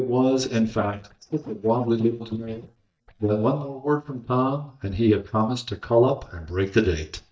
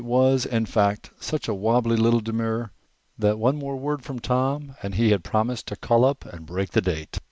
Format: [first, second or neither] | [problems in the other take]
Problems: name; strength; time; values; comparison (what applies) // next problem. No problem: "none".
second | noise reduction (neural mask model DeepFilterNet 3)